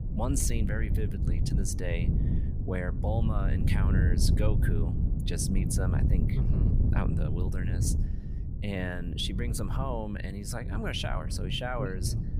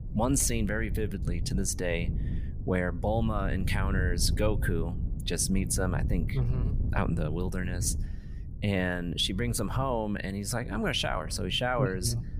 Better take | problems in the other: second | wind noise on the microphone; heavy; 6 dB below the speech; occasional gusts in the second

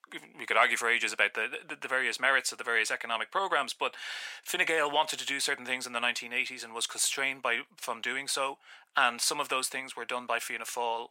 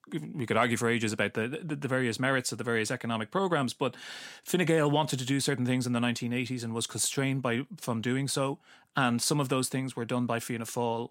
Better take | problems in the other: second | thin; very; fading below 750 Hz

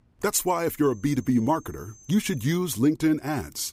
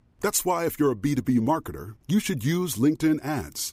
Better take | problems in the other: second | high-pitched whine; faint; from 1 to 2.5 s; 6.5 kHz, 25 dB below the speech

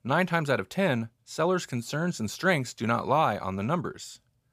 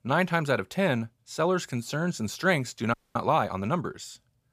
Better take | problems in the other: first | audio freezing; at 3 s

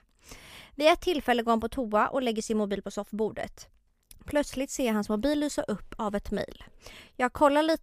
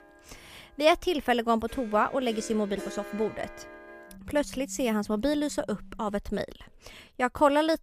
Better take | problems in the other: first | background music; noticeable; until 6 s; 20 dB below the speech

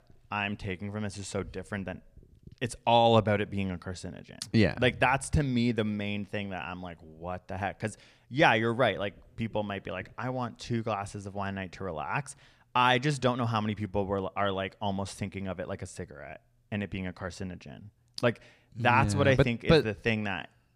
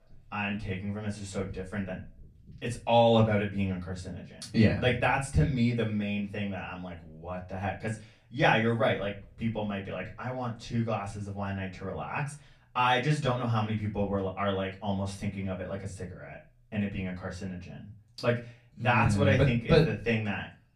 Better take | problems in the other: first | off-mic speech; far // room echo; very slight; dies away in 0.3 s

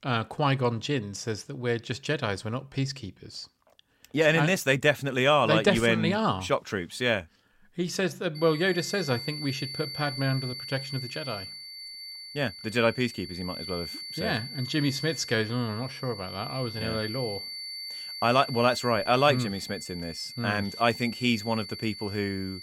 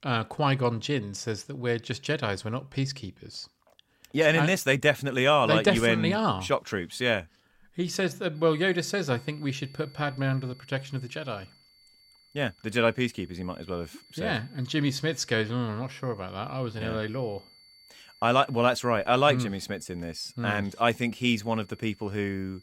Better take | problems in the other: second | high-pitched whine; loud; from 8.5 s on; 4.5 kHz, 9 dB below the speech; faint in the second

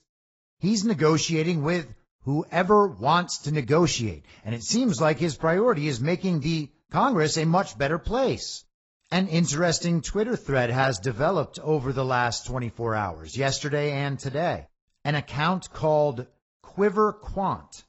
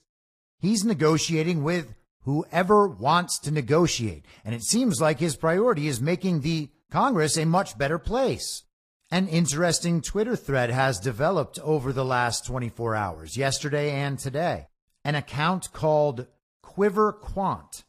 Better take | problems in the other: second | garbled, watery; badly; nothing above 7.5 kHz; slightly in the second

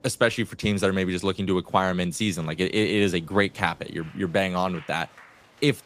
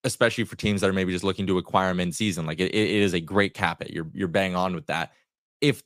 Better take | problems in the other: second | crowd noise; faint; throughout; 25 dB below the speech

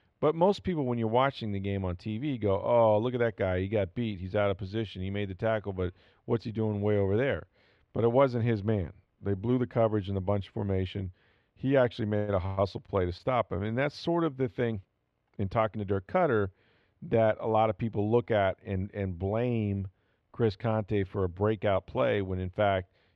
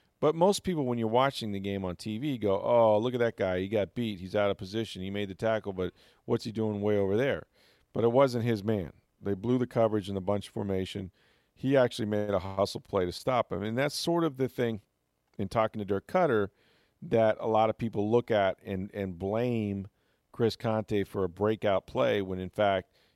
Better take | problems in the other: second | muffled; slightly; fading above 2.5 kHz

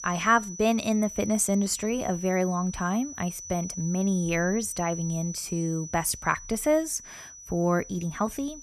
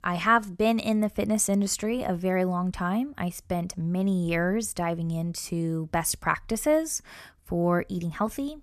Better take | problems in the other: second | high-pitched whine; noticeable; throughout; 6 kHz, 10 dB below the speech

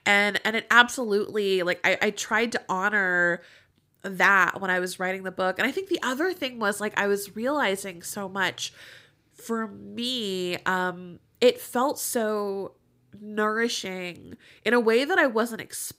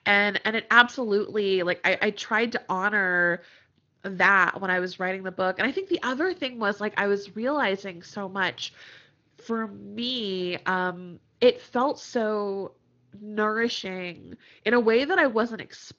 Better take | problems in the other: first | garbled, watery; slightly; nothing above 6.5 kHz

